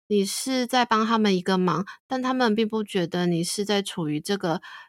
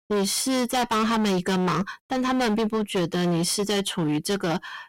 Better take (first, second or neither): first